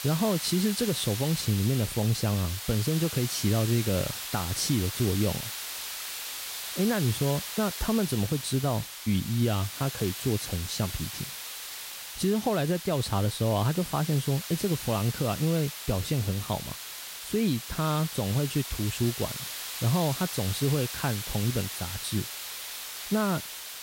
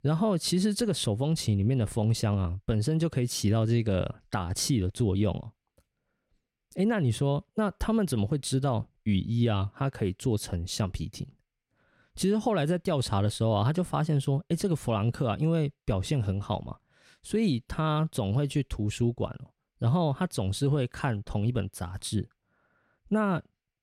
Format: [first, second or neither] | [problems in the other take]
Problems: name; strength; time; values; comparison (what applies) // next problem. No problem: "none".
second | hiss; loud; throughout; 6 dB below the speech